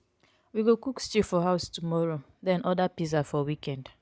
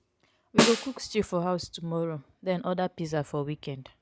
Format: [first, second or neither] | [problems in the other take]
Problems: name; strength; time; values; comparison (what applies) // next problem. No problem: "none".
first | background sound (Snare drum); 2 dB above the speech